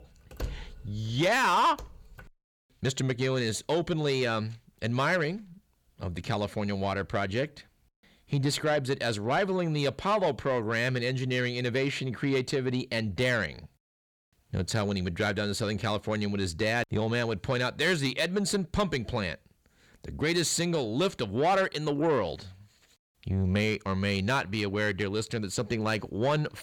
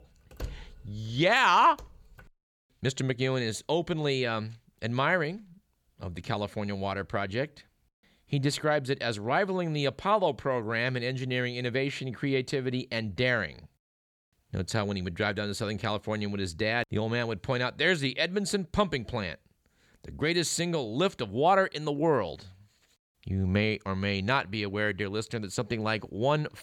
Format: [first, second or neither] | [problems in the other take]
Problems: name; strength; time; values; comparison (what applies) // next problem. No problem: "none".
second | distortion; slight; 10 dB below the speech